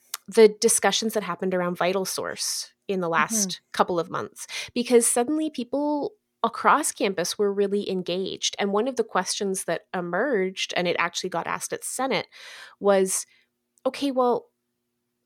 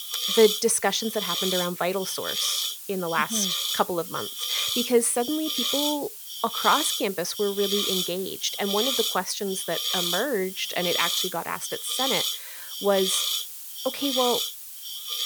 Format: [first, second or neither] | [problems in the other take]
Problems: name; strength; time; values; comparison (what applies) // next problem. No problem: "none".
first | hiss; loud; throughout; 1 dB below the speech